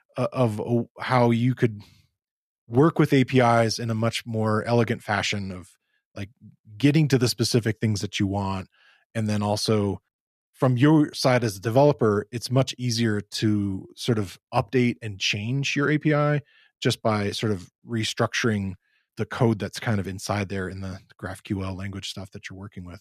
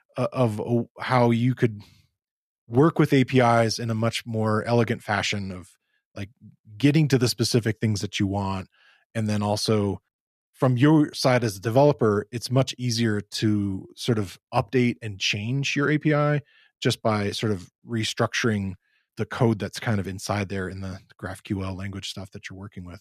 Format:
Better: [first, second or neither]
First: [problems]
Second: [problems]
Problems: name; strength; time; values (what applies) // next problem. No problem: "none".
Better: neither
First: none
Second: none